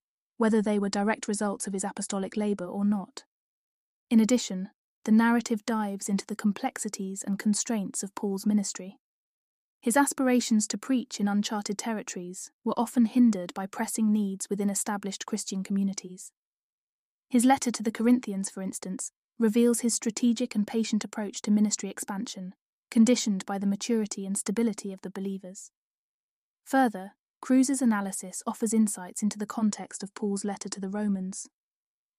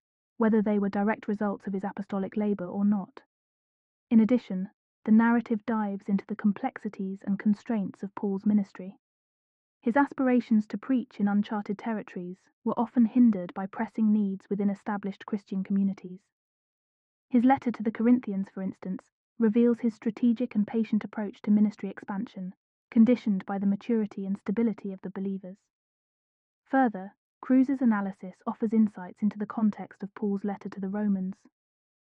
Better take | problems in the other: first | muffled; very; fading above 2 kHz

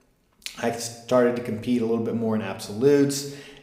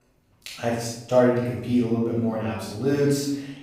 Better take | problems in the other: first | room echo; strong; dies away in 0.8 s; slight in the first // off-mic speech; far

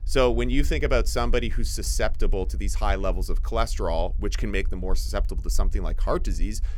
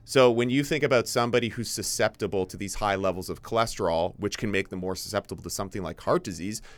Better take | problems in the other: second | low rumble; faint; throughout; 25 dB below the speech

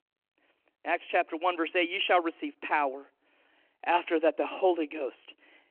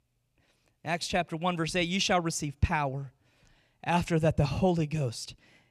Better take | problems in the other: second | phone-call audio

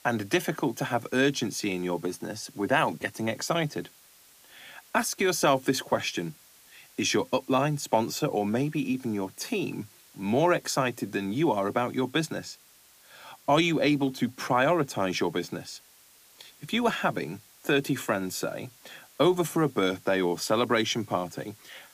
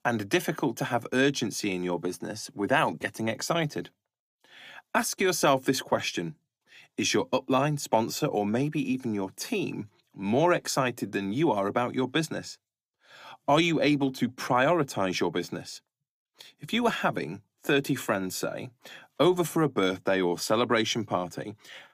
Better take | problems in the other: second | hiss; faint; throughout; 25 dB below the speech

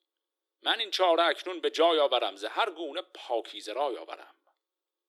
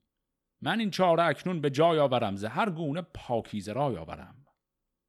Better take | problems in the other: second | thin; very; fading below 300 Hz

